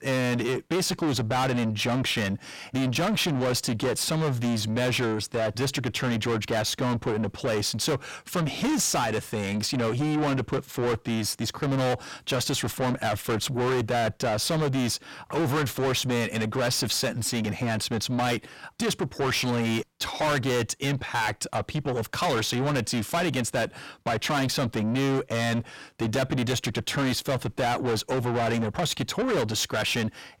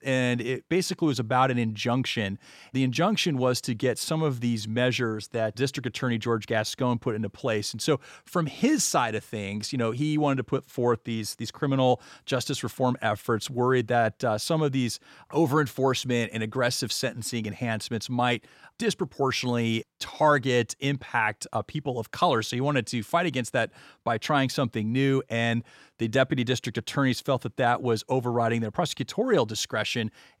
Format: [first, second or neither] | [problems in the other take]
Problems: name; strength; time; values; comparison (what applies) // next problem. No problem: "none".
second | distortion; heavy; 6 dB below the speech